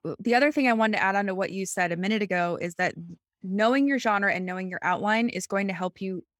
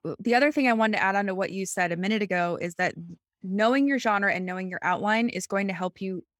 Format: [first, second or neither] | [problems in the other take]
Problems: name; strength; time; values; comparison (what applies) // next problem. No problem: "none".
neither | none